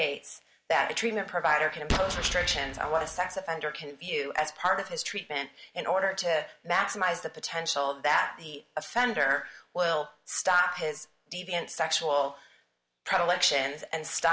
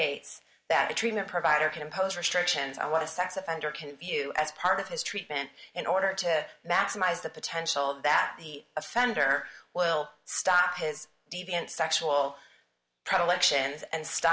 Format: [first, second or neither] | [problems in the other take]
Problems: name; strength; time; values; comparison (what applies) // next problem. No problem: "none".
second | background sound (Explosion); 4 dB below the speech